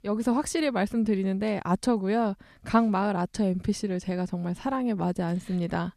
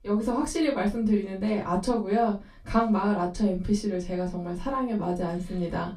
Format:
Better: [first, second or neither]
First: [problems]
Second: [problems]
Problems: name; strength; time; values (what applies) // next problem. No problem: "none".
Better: first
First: none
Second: off-mic speech; far // room echo; very slight; dies away in 0.2 s